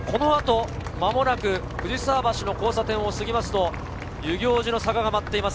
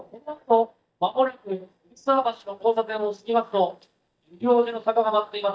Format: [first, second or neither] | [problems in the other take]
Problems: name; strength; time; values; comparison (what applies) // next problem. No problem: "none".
first | noise reduction (neural mask model DeepFilterNet 3)